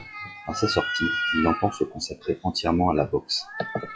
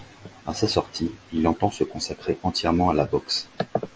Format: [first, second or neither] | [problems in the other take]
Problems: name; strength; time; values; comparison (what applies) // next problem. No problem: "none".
second | noise reduction (classical method log-MMSE)